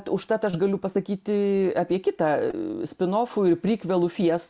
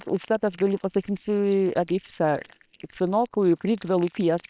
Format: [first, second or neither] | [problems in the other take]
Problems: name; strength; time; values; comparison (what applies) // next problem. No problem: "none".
first | noise reduction (neural separator model SepFormer WHAM!)